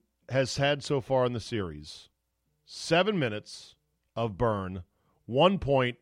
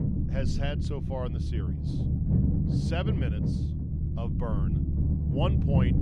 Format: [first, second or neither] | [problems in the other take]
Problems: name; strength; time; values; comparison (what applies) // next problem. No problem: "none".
first | low rumble; loud; throughout; 1 dB below the speech